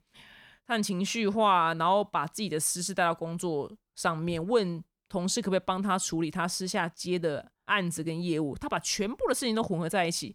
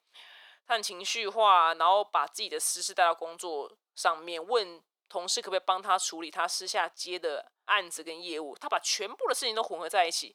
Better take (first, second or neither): first